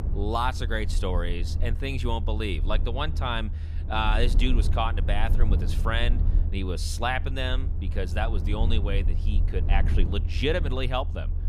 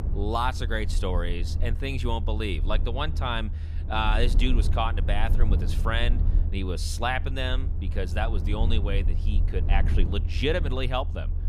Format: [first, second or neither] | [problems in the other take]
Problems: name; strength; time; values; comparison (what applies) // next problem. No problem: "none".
neither | low rumble; noticeable; throughout; 15 dB below the speech; the same in both